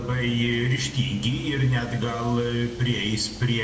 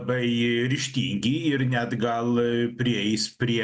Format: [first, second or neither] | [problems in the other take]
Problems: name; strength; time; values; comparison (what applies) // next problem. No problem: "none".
second | background sound (Train); 15 dB below the speech // room echo; dies away in 0.8 s